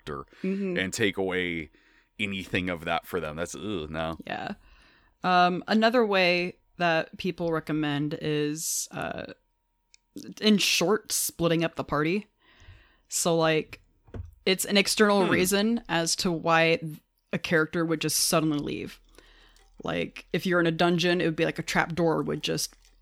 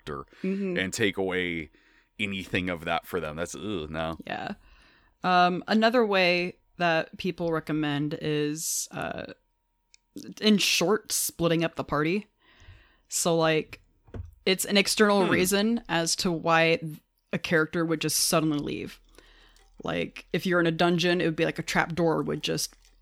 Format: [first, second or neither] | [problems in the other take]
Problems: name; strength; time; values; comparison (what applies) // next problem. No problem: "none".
neither | none